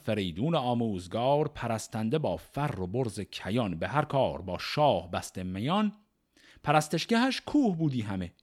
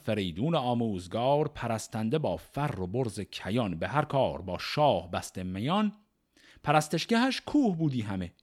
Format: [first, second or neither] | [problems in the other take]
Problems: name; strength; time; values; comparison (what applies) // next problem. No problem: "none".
neither | none